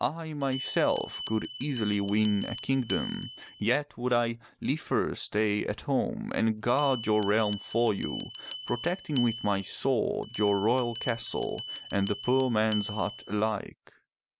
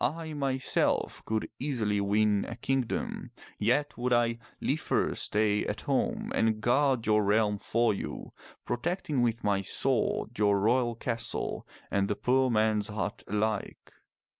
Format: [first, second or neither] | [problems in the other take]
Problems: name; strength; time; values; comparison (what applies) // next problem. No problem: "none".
second | background sound (Bell); 12 dB below the speech